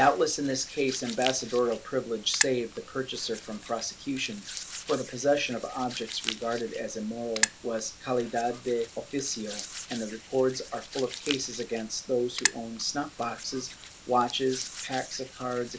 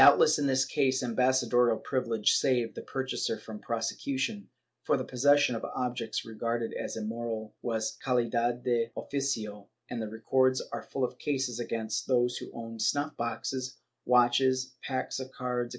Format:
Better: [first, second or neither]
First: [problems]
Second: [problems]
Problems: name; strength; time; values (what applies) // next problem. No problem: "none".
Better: second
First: background sound (Hands); 8 dB below the speech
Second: none